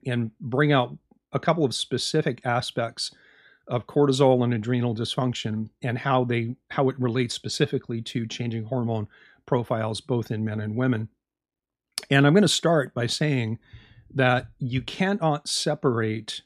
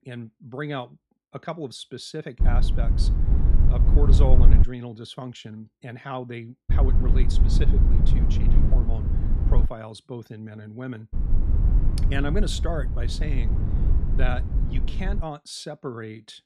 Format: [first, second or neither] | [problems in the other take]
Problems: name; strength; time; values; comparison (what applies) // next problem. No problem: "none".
first | low rumble; loud; from 2.5 to 4.5 s, from 6.5 to 9.5 s and from 11 to 15 s; 4 dB below the speech